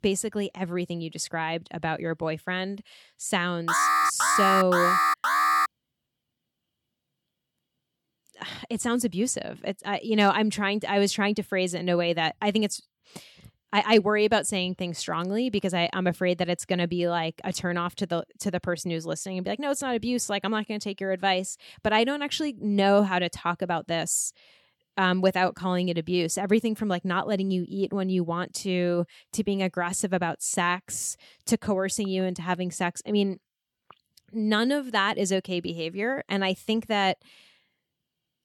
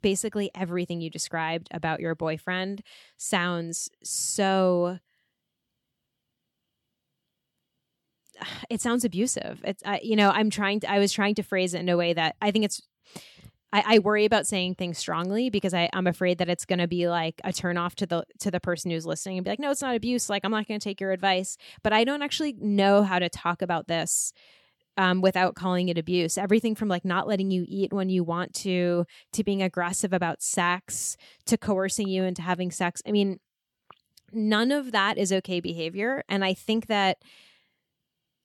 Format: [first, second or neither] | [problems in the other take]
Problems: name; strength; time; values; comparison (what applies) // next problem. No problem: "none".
second | alarm; loud; from 3.5 to 5.5 s; peak 5 dB above the speech